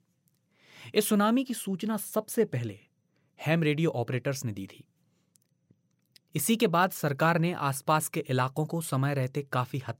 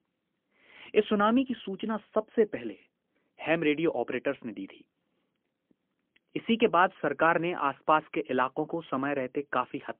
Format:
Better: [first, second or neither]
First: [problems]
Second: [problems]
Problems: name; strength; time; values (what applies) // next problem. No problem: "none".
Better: first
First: none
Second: phone-call audio; poor line; nothing above 3.5 kHz